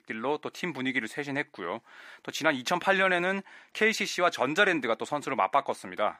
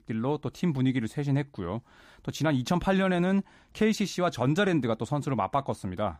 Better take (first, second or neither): second